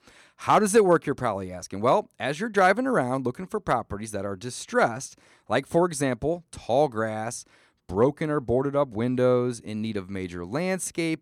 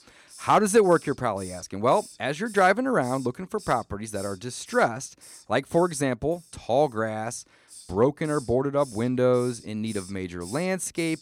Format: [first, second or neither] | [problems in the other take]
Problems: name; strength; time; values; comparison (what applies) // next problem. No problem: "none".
first | hiss; faint; throughout; 20 dB below the speech